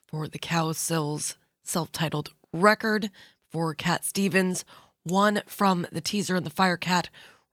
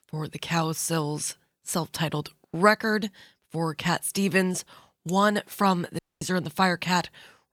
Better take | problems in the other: first | audio cutting out; at 6 s

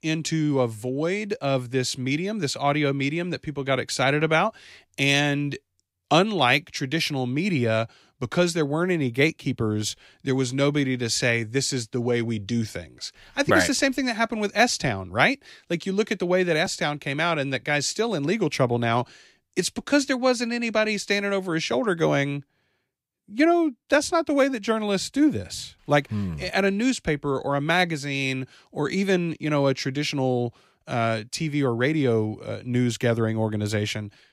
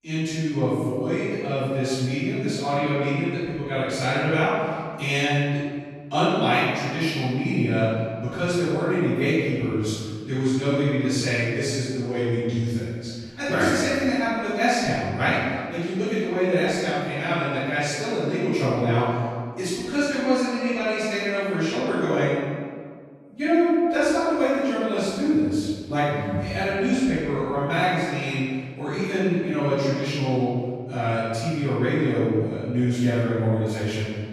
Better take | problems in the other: first | off-mic speech; far // room echo; strong; dies away in 1.7 s

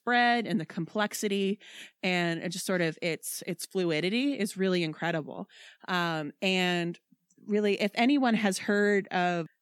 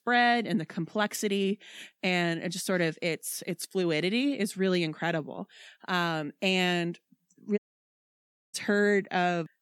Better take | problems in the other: first | audio cutting out; at 7.5 s for 1 s

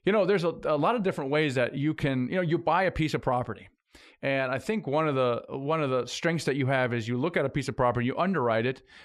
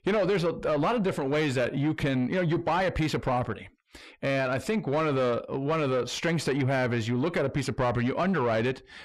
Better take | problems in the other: first | distortion; slight; 10 dB below the speech

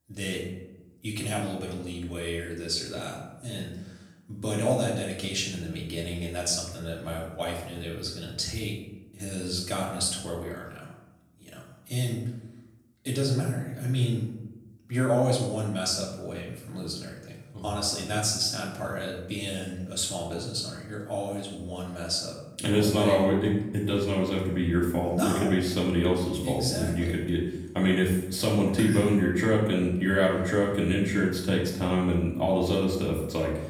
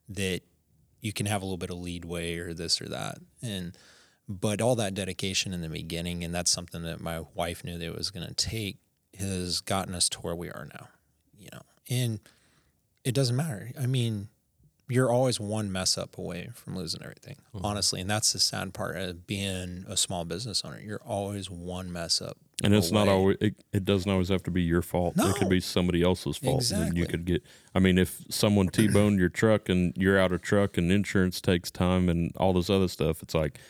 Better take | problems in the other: second | off-mic speech; far // room echo; noticeable; dies away in 0.8 s

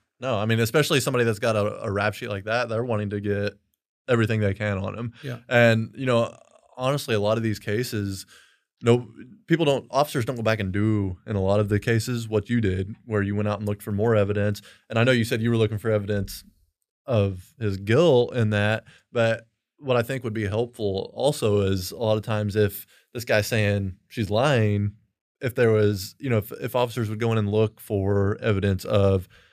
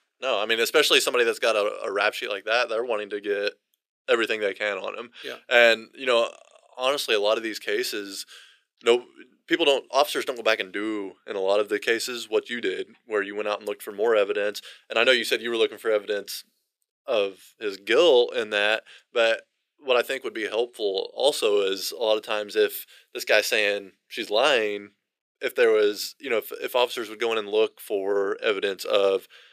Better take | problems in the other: first | thin; very; fading below 350 Hz

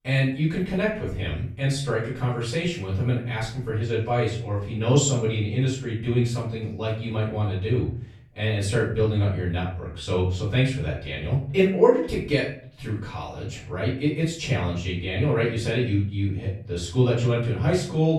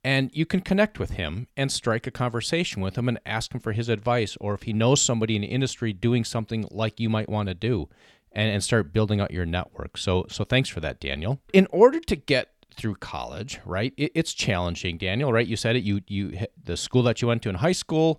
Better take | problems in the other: second | off-mic speech; far // room echo; noticeable; dies away in 0.5 s

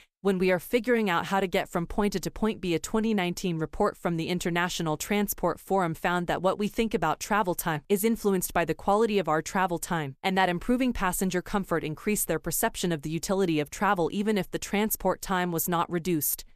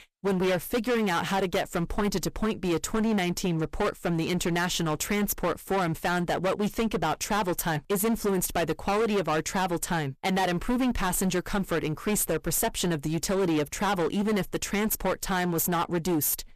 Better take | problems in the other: first | distortion; heavy; 19% of the sound clipped

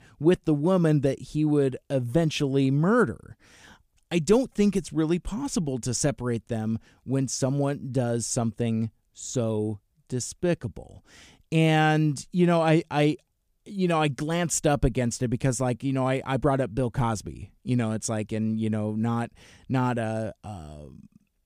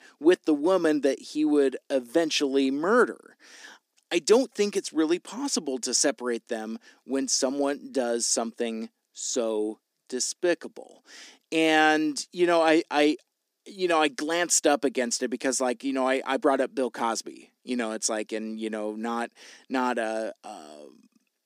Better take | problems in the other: first | thin; somewhat; fading below 250 Hz

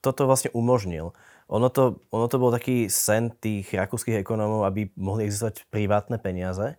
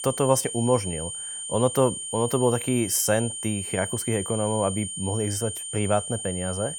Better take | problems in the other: first | high-pitched whine; loud; throughout; 9 kHz, 6 dB below the speech

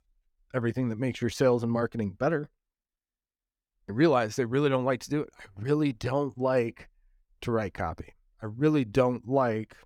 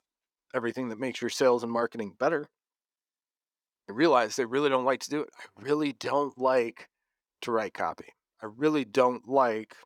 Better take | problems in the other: first | thin; very slightly; fading below 300 Hz

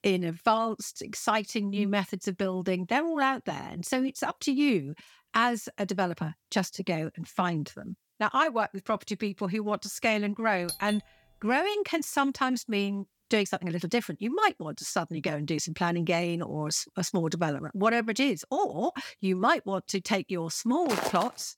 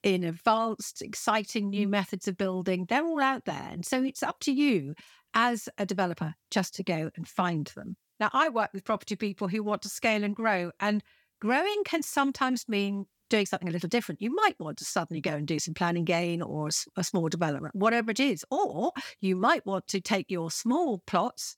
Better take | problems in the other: second | doorbell; noticeable; at 11 s; peak 8 dB below the speech // footsteps; noticeable; at 21 s; peak 3 dB below the speech

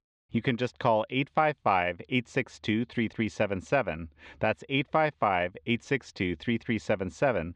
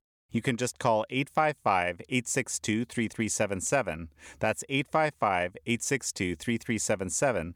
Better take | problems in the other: second | muffled; very; fading above 4 kHz

